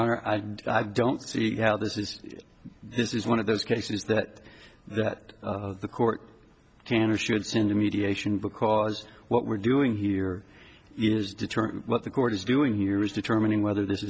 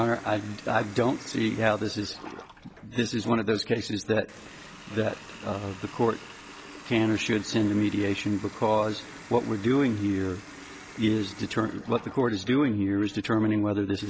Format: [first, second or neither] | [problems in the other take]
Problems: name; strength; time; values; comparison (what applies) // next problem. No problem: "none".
first | background sound (Water tap, faucet); 19 dB below the speech